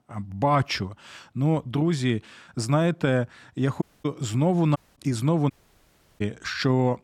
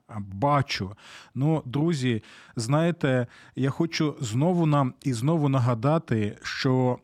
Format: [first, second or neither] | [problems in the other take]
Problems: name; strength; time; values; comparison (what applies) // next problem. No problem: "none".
second | audio cutting out; at 4 s, at 5 s and at 5.5 s for 0.5 s